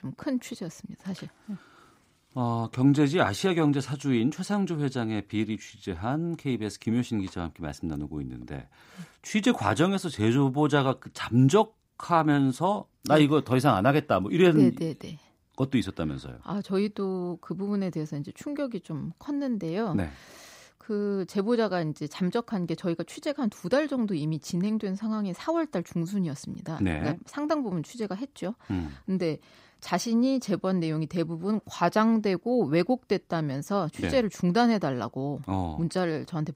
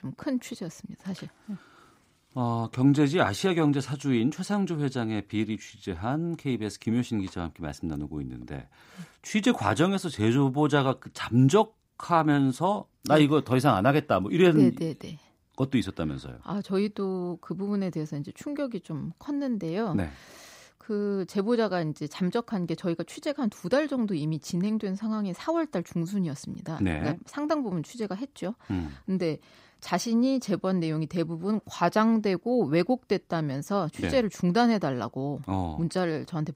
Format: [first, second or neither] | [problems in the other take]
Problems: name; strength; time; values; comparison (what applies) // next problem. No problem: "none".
neither | none